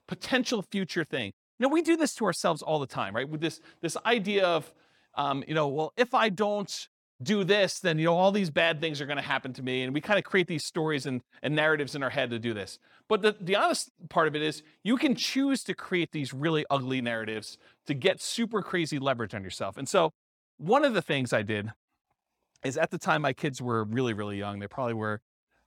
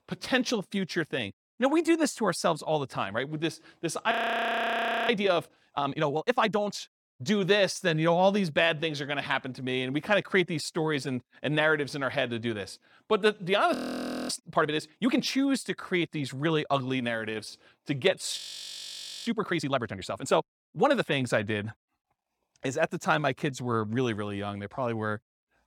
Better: first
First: none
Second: audio freezing; at 4 s for 1 s, at 14 s for 0.5 s and at 18 s for 1 s

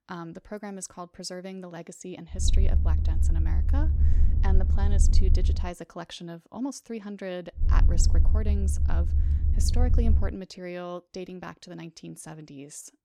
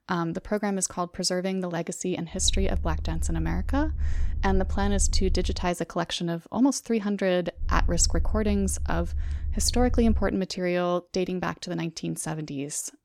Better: second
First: low rumble; loud; from 2.5 to 5.5 s and from 7.5 to 10 s; 5 dB below the speech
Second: low rumble; faint; from 2.5 to 5.5 s and from 7.5 to 10 s; 20 dB below the speech

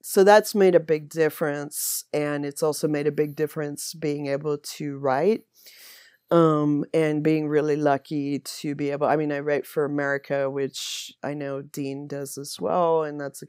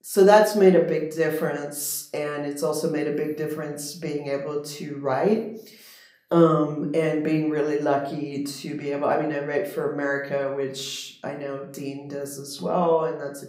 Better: first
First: none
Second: room echo; slight; dies away in 0.5 s // off-mic speech; somewhat distant

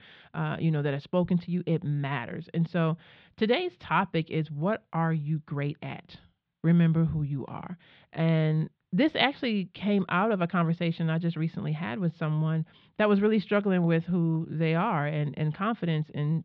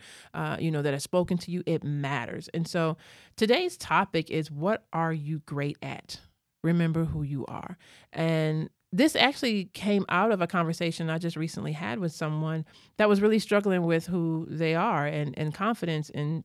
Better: second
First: muffled; slightly; fading above 3.5 kHz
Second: none

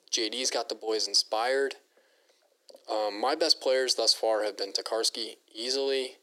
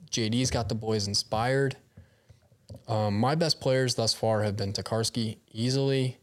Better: second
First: thin; very; fading below 300 Hz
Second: none

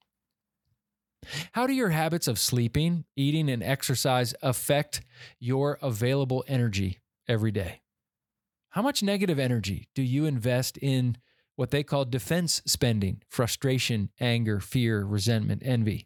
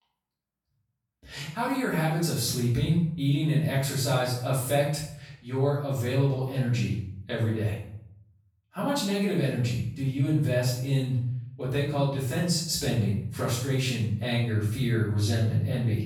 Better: first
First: none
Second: off-mic speech; far // room echo; noticeable; dies away in 0.6 s

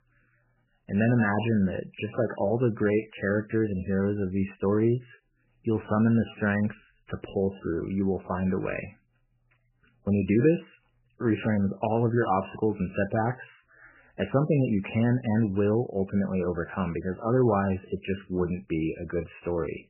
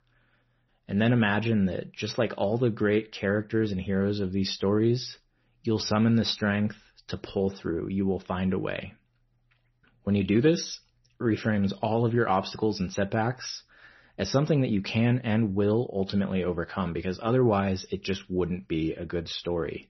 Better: second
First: garbled, watery; badly; nothing above 3 kHz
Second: garbled, watery; slightly; nothing above 6 kHz

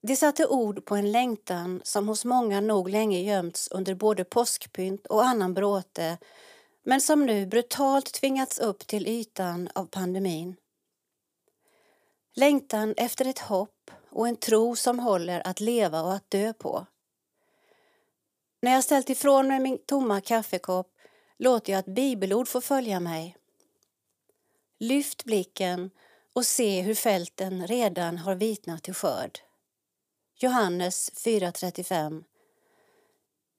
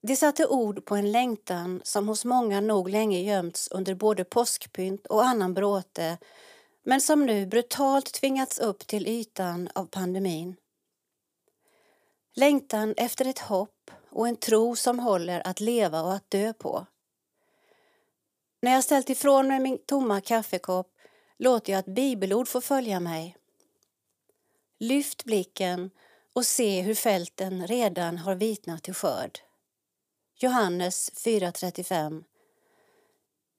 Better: neither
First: none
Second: none

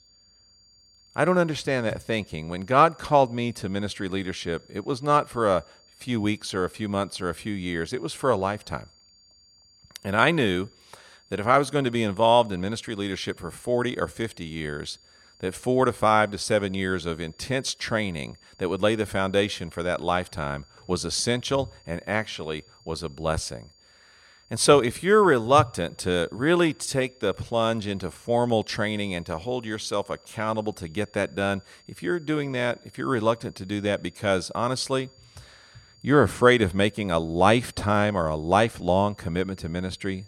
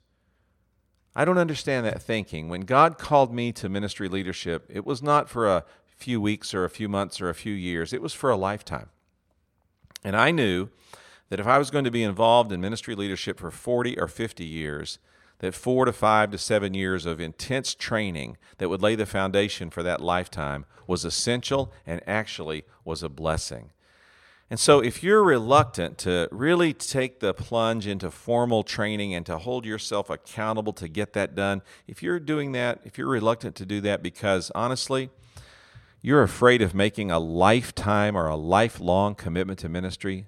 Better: second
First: high-pitched whine; faint; throughout; 4.5 kHz, 30 dB below the speech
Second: none

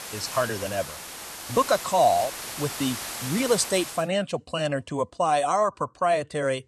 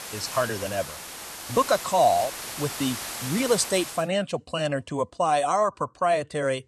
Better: neither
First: hiss; loud; until 4 s; 8 dB below the speech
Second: hiss; loud; until 4 s; 8 dB below the speech

